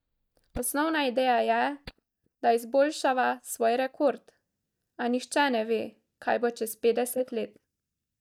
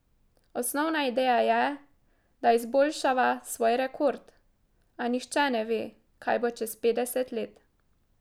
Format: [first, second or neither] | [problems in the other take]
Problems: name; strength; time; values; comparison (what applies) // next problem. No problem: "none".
second | noise reduction (neural mask model DeepFilterNet 3)